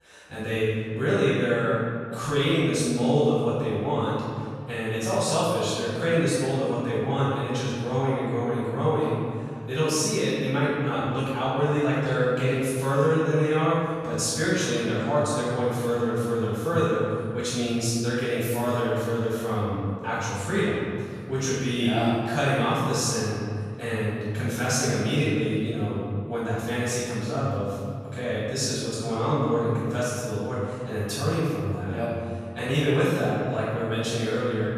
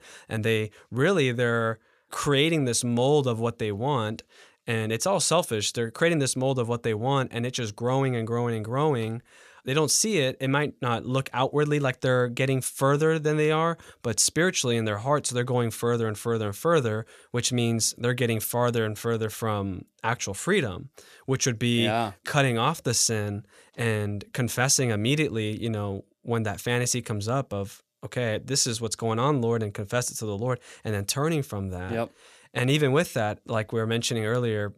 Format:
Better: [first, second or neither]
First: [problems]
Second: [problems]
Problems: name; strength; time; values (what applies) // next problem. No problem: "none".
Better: second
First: room echo; strong; dies away in 2.2 s // off-mic speech; far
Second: none